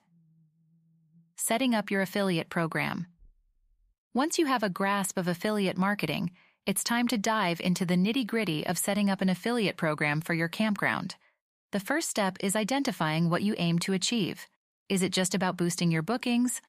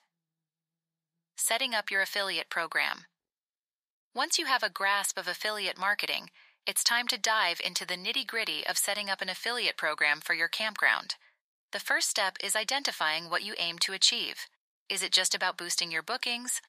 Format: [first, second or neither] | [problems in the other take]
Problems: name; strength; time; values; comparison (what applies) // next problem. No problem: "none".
first | thin; very; fading below 750 Hz